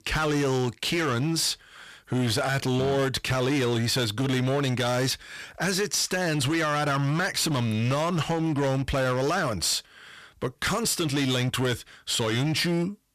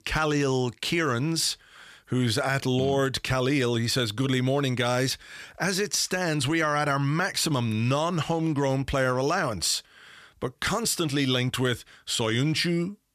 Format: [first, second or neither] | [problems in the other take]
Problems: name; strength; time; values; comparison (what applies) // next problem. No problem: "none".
second | distortion; slight; 18% of the sound clipped